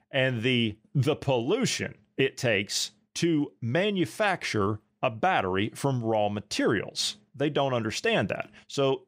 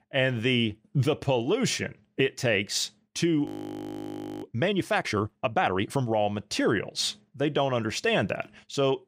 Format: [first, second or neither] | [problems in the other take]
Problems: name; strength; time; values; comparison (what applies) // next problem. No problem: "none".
first | audio freezing; at 3.5 s for 1 s